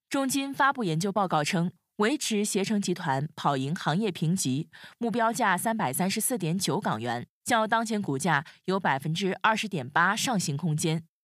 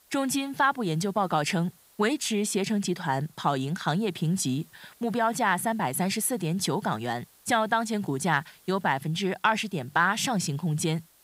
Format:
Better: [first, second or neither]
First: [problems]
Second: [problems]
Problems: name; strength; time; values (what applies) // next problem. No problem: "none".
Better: first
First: none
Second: hiss; faint; throughout; 30 dB below the speech